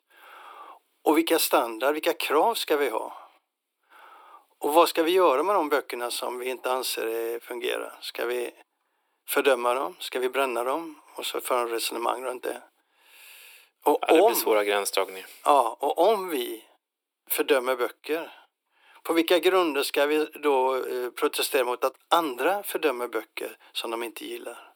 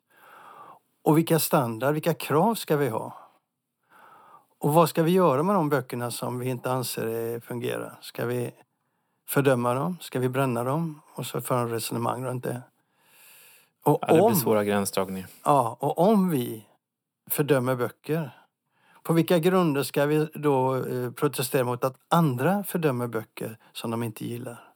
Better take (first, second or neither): second